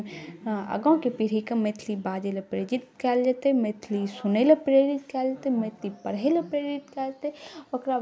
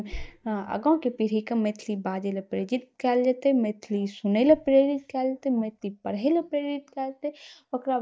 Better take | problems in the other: first | noise reduction (neural mask model DeepFilterNet 3)

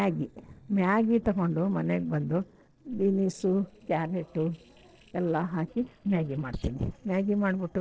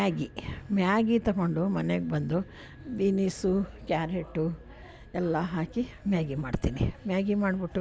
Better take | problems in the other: second | noise reduction (neural separator model SepFormer DNS4)

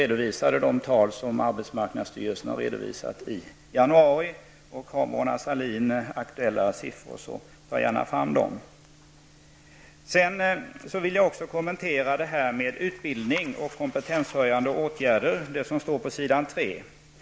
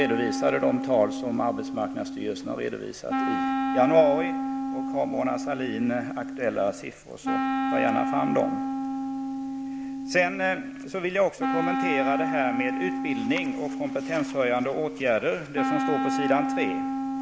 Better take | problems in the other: first | background sound (Wind instrument, woodwind instrument); 2 dB below the speech

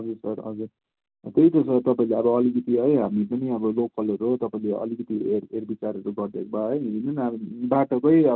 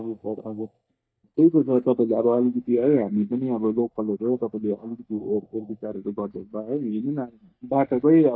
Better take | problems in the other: first | noise reduction (neural mask model DeepFilterNet 3)

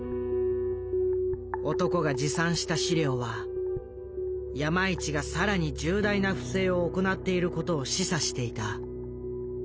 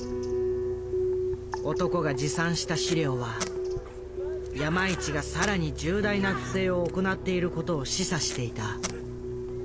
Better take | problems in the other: first | background sound (Packing tape, duct tape + Bird); 13 dB below the speech

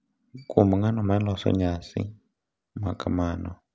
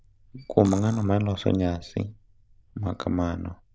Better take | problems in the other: first | noise reduction (neural diffusion model UNIVERSE++)

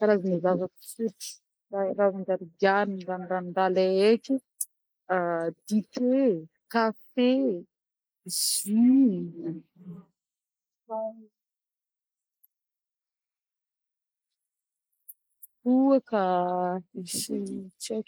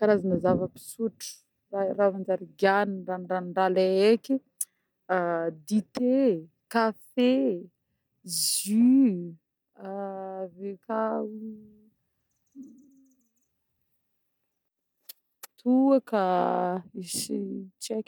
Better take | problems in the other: second | noise reduction (neural mask model Resemble Enhance denoiser)

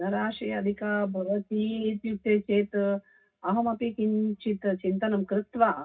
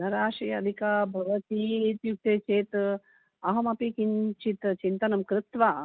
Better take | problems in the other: second | room echo; dies away in 0.4 s

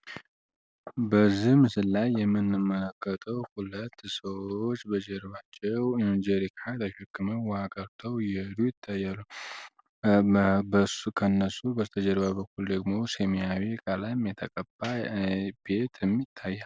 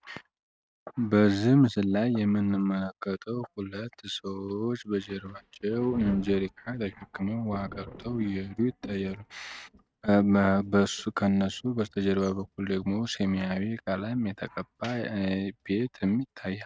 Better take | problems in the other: first | noise reduction (neural mask model RNNoise)

